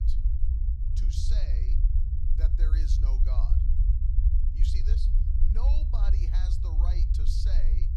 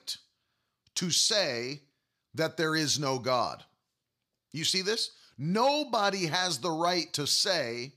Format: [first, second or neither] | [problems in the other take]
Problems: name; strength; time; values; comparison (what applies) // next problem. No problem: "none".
second | low rumble; loud; throughout; 1 dB below the speech